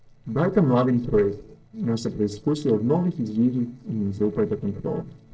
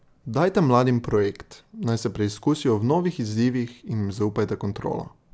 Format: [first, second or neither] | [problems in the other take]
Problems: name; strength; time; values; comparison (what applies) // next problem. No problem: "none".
second | noise reduction (neural separator model SepFormer DNS4)